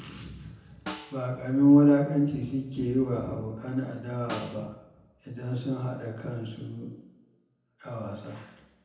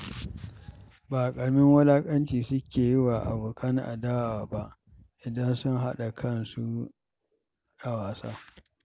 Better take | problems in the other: second | background sound (Snare drum); 19 dB below the speech // room echo; dies away in 0.9 s

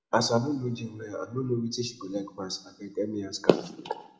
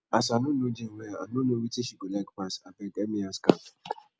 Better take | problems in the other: second | room echo; dies away in 0.7 s

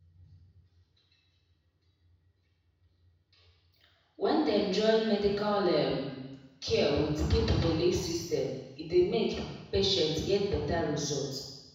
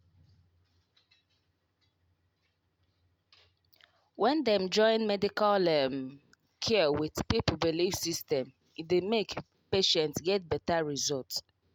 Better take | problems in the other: second | room echo; dies away in 1.1 s

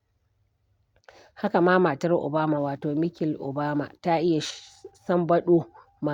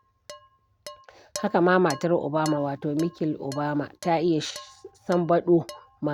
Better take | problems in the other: first | background sound (Dishes, pots, and pans); 19 dB below the speech

